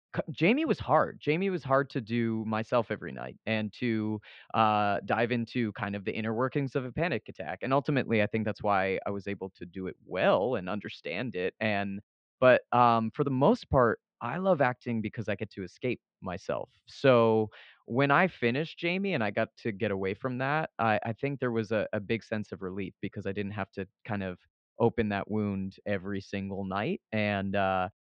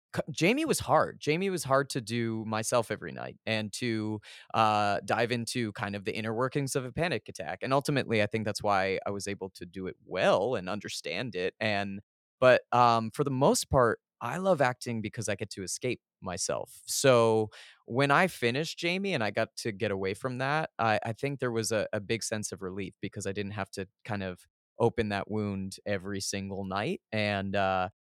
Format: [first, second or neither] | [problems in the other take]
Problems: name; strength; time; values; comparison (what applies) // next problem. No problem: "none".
second | muffled; very; fading above 3.5 kHz